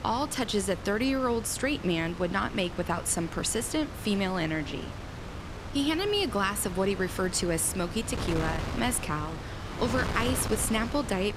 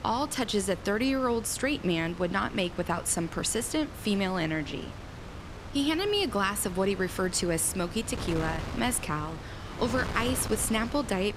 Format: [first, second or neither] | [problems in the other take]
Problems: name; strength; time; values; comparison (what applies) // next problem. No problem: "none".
second | wind noise on the microphone; heavy; 10 dB below the speech; occasional gusts in the second